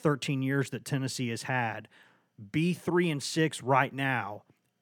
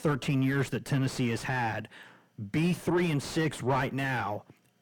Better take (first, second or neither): first